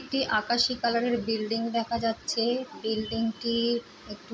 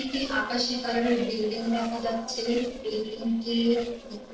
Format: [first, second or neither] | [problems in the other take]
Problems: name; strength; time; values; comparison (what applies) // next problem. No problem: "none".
first | noise reduction (neural separator model SepFormer DNS4)